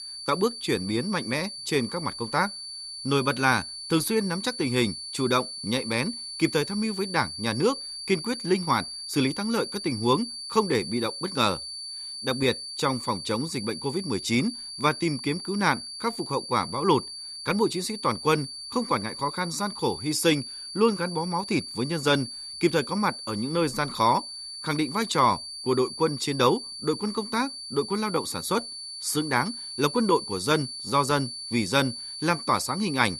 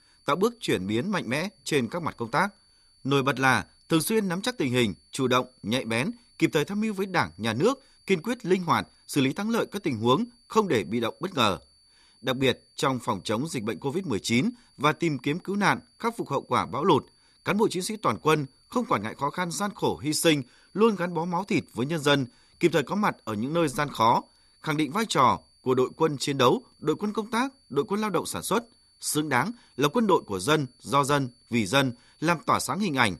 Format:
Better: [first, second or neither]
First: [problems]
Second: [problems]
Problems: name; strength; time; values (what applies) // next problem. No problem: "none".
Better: second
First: high-pitched whine; loud; throughout; 4.5 kHz, 8 dB below the speech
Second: high-pitched whine; faint; throughout; 4.5 kHz, 30 dB below the speech